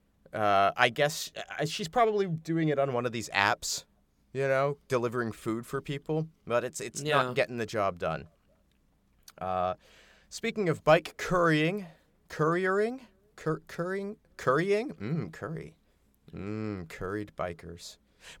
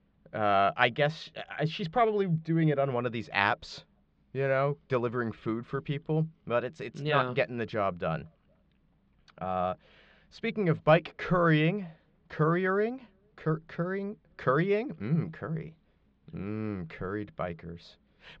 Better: first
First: none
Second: muffled; slightly; fading above 4 kHz

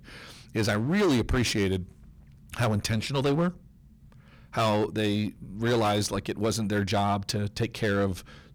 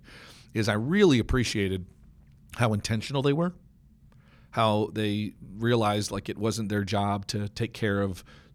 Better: second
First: distortion; heavy; 12% of the sound clipped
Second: none

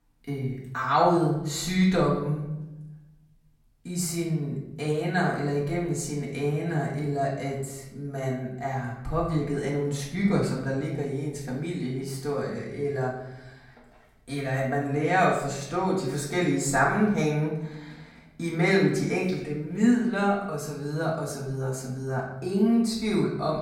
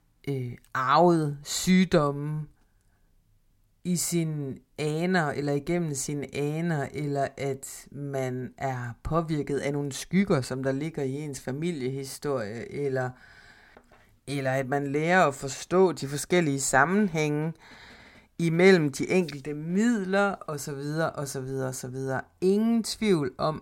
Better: second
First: off-mic speech; far // room echo; noticeable; dies away in 0.8 s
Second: none

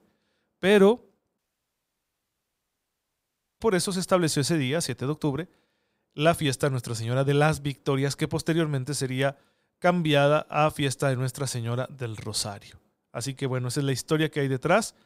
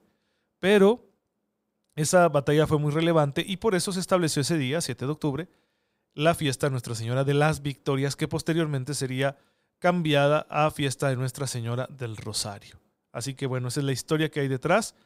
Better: second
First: audio cutting out; at 1.5 s for 2 s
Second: none

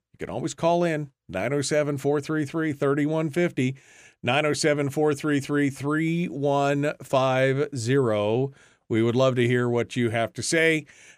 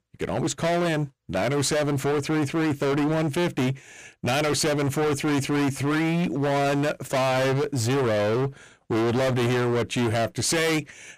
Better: first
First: none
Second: distortion; heavy; 36% of the sound clipped

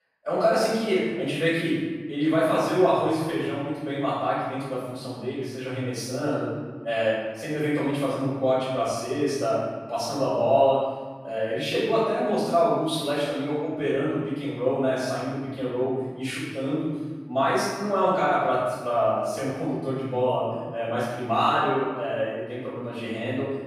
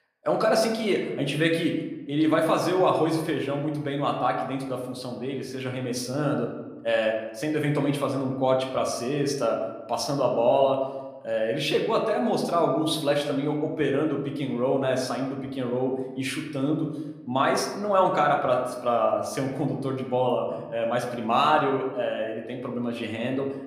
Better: second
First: room echo; strong; dies away in 1.3 s // off-mic speech; far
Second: room echo; slight; dies away in 0.9 s

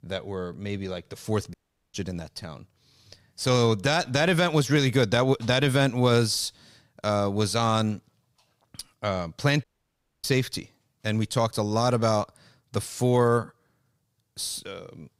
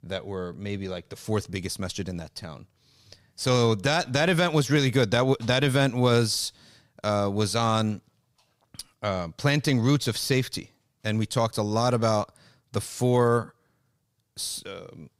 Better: second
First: audio cutting out; at 1.5 s and at 9.5 s for 0.5 s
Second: none

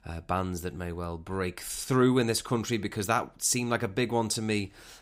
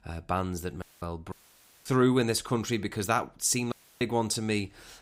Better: first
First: none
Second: audio cutting out; at 1 s, at 1.5 s for 0.5 s and at 3.5 s

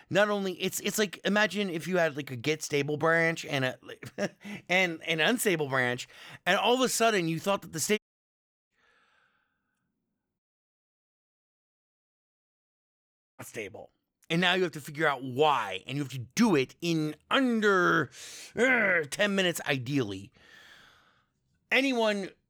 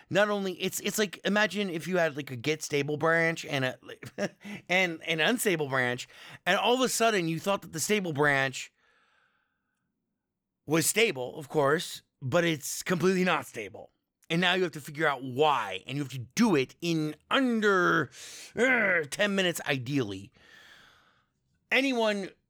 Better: second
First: audio cutting out; at 8 s for 0.5 s and at 10 s for 3 s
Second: none

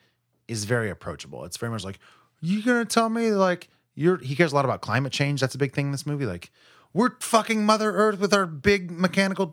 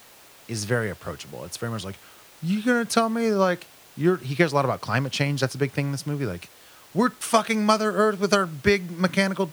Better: first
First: none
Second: hiss; faint; throughout; 25 dB below the speech

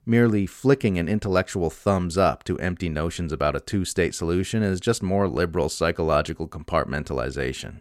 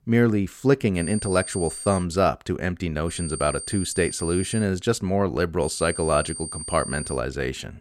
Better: first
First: none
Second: high-pitched whine; loud; from 1 to 2 s, from 3 to 4.5 s and from 5.5 to 7 s; 9 kHz, 8 dB below the speech

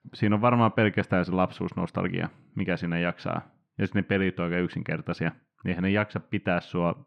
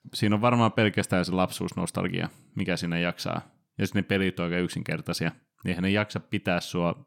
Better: second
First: muffled; slightly; fading above 2 kHz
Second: none

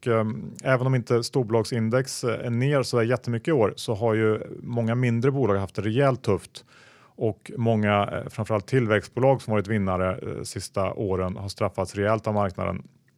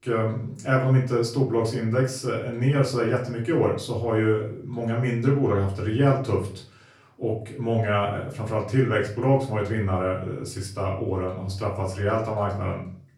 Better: first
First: none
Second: off-mic speech; far // room echo; slight; dies away in 0.4 s

